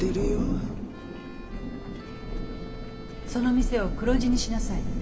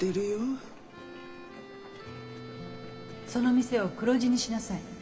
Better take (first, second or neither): second